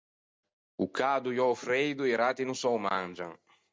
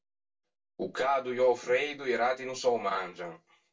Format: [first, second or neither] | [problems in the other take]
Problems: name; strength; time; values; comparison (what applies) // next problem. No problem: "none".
first | room echo; dies away in 0.2 s